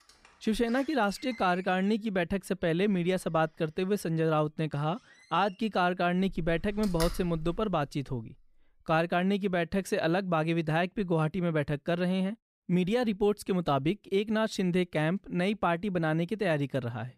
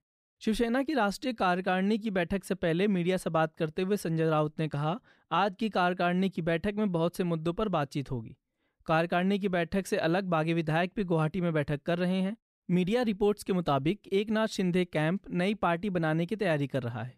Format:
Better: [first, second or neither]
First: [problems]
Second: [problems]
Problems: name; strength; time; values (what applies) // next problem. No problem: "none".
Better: second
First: door banging; noticeable; from 6.5 to 7.5 s; peak 8 dB below the speech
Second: none